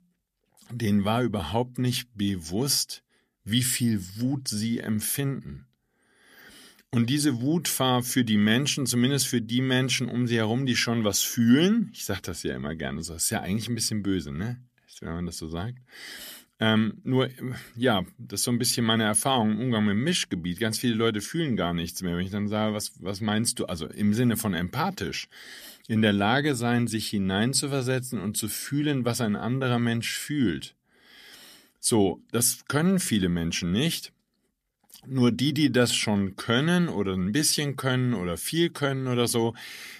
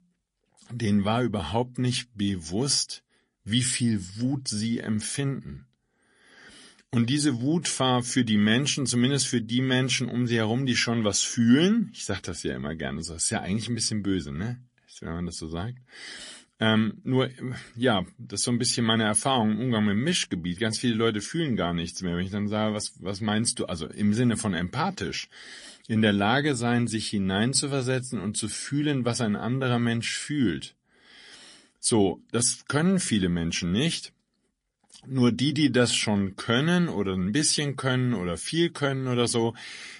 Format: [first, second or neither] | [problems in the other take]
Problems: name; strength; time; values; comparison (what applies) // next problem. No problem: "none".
first | garbled, watery; slightly; nothing above 10.5 kHz